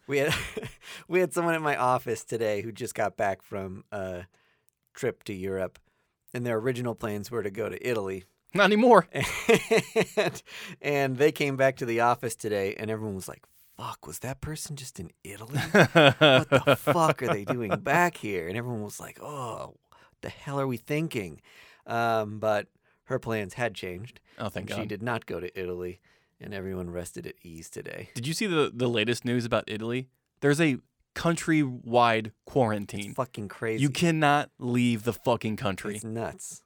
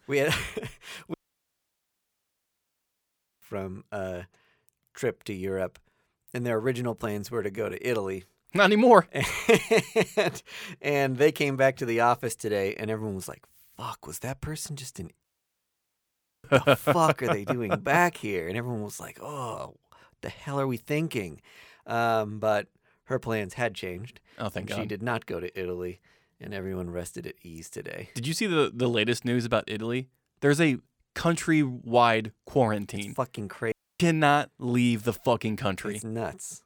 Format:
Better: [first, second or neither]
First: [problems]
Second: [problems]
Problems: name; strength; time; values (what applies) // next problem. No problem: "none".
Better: first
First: none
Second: audio cutting out; at 1 s for 2.5 s, at 15 s for 1 s and at 34 s